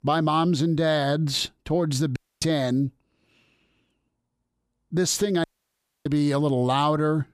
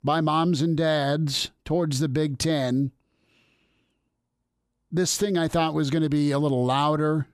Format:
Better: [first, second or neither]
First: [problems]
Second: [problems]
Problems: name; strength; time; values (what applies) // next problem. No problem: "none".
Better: second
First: audio cutting out; at 2 s and at 5.5 s for 0.5 s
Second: none